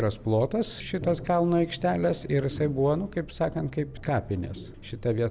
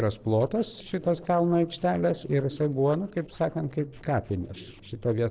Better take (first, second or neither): first